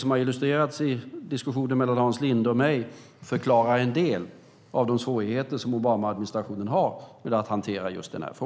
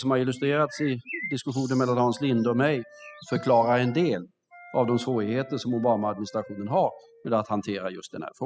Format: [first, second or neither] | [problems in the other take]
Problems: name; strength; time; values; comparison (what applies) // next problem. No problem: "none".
first | noise reduction (classical method spectral subtraction)